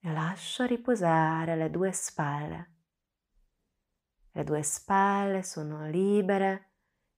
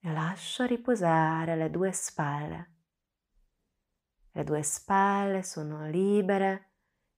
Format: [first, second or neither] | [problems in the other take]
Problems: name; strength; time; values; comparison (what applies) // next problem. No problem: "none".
neither | none